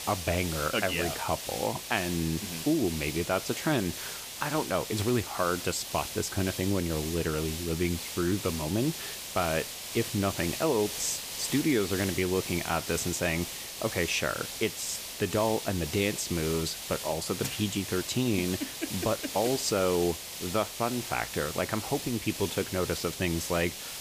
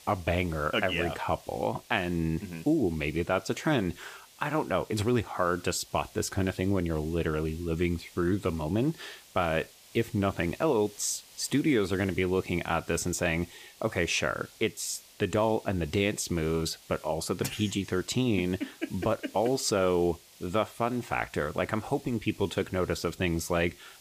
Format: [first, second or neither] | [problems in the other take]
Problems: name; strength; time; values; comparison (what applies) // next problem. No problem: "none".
second | hiss; loud; throughout; 6 dB below the speech; faint in the second